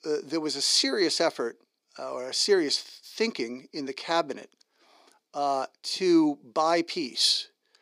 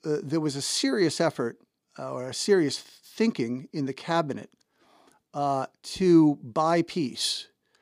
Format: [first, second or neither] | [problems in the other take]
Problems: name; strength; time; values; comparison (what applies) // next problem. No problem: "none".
second | thin; very slightly; fading below 400 Hz